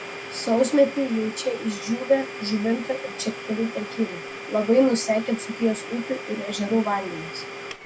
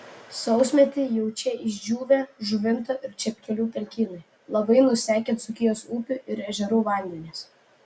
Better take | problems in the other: second | background sound (Domestic sounds, home sounds); 11 dB below the speech

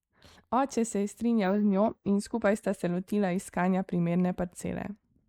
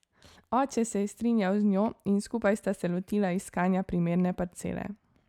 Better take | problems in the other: second | noise reduction (neural mask model Resemble Enhance denoiser)

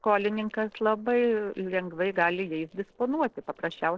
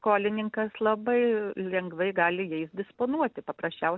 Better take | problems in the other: second | noise reduction (neural separator model SepFormer DNS4)

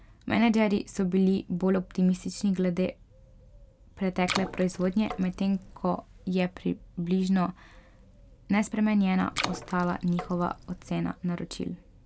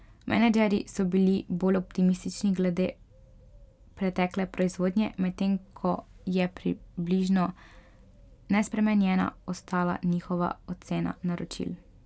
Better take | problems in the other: second | background sound (Water / Splash, splatter); 10 dB below the speech

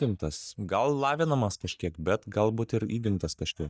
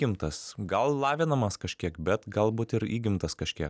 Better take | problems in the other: second | noise reduction (neural mask model DeepFilterNet 3)

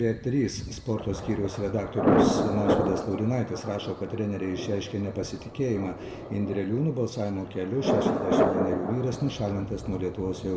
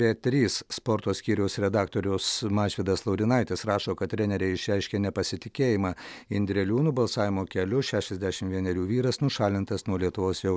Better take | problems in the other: second | background sound (Thunder); as loud as the speech // room echo; dies away in 0.6 s

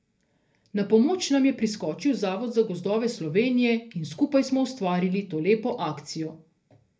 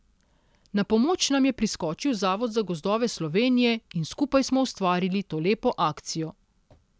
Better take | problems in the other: second | room echo; dies away in 0.3 s

